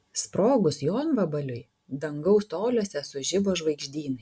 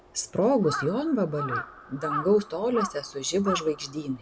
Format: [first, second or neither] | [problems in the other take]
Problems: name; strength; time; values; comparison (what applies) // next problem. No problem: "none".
first | background sound (Crow); 9 dB below the speech